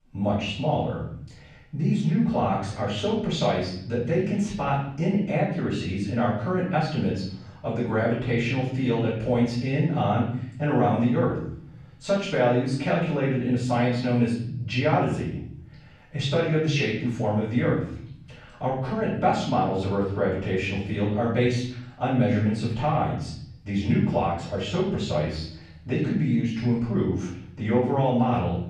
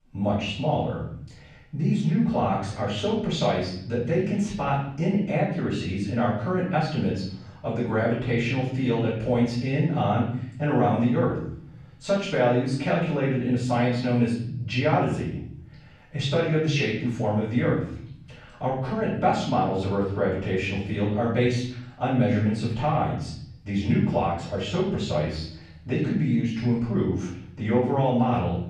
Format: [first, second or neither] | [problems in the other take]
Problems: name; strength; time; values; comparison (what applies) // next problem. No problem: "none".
neither | off-mic speech; far; the same in both // room echo; noticeable; dies away in 0.8 s; the same in both